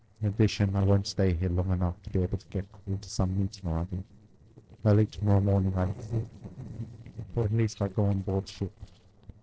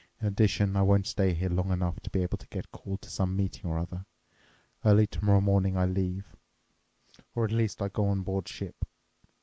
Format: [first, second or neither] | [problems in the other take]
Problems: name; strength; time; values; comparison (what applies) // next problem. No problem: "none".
second | noise reduction (neural separator model SepFormer DNS4)